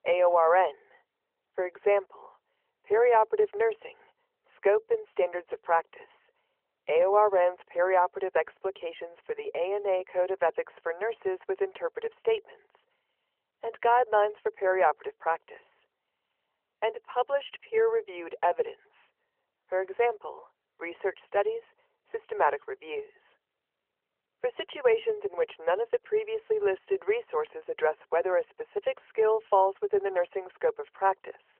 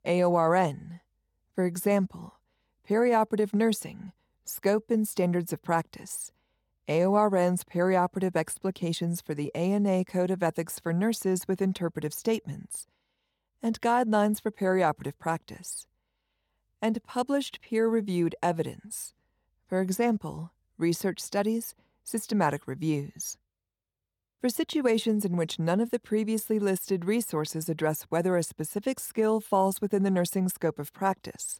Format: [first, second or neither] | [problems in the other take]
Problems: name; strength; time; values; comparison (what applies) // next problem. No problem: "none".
second | phone-call audio; nothing above 3 kHz